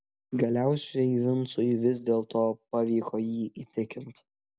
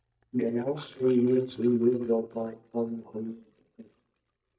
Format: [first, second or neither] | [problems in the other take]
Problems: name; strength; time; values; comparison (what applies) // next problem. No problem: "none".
first | noise reduction (neural mask model DeepFilterNet 3)